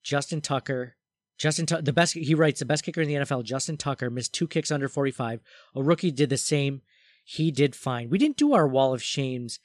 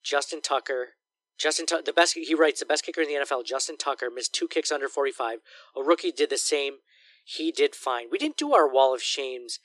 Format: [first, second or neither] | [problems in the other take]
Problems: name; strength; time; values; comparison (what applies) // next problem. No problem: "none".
first | thin; very; fading below 300 Hz